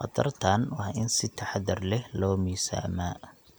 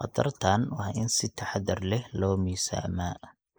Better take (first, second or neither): first